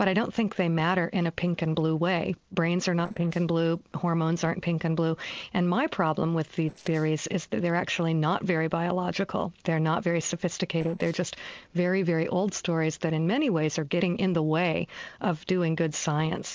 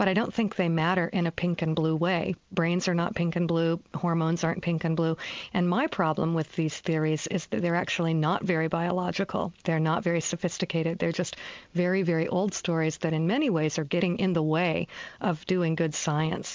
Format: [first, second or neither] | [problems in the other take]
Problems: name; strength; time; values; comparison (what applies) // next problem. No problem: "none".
second | noise reduction (neural separator model SepFormer DNS4)